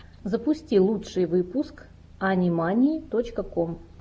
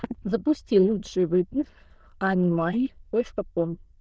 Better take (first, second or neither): first